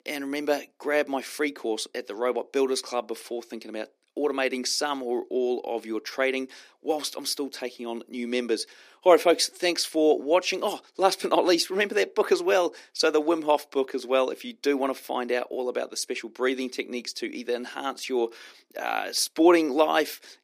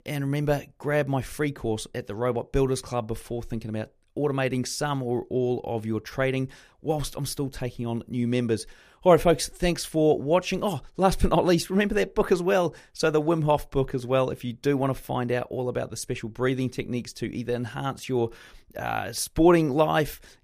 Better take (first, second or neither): second